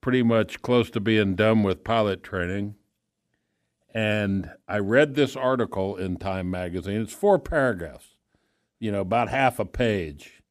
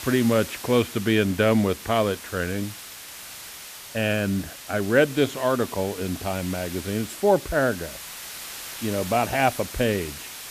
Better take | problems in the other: first | hiss; noticeable; throughout; 10 dB below the speech

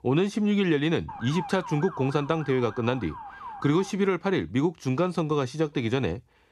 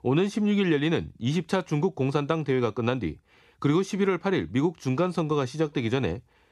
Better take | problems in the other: second | siren; faint; from 1 to 4 s; peak 10 dB below the speech

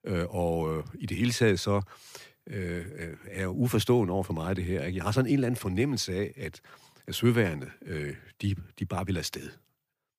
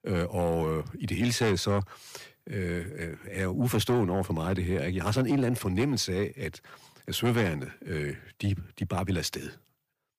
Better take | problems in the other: first | distortion; slight; 10 dB below the speech

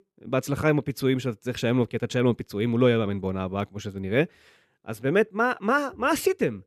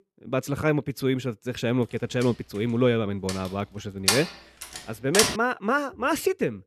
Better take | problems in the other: first | door banging; loud; from 3.5 to 5.5 s; peak 4 dB above the speech

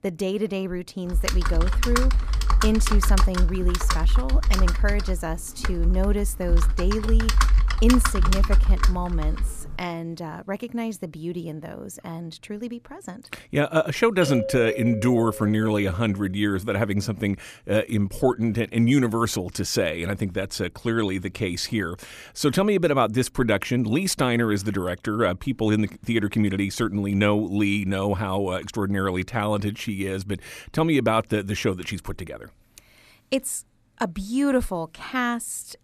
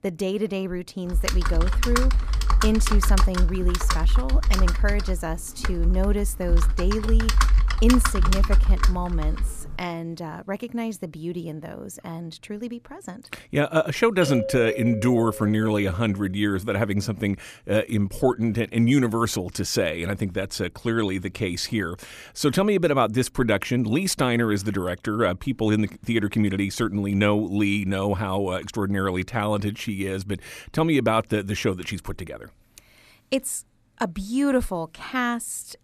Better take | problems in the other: neither | keyboard typing; loud; from 1 to 10 s; peak 4 dB above the speech; the same in both // doorbell; noticeable; from 14 to 16 s; peak 4 dB below the speech; the same in both

